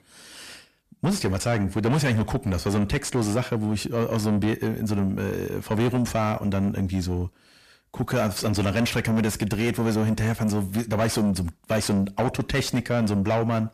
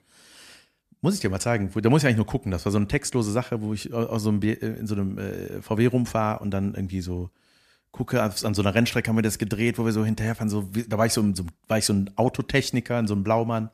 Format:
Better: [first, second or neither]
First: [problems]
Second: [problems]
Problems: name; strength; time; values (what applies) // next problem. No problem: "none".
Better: second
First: distortion; heavy; 7 dB below the speech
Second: none